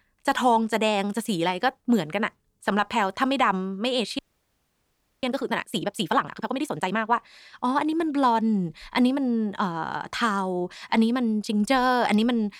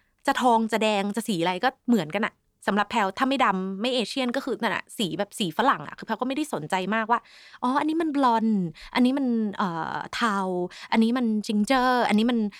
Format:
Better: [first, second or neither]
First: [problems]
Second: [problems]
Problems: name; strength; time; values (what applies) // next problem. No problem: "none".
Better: second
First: audio freezing; at 4 s for 1 s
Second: none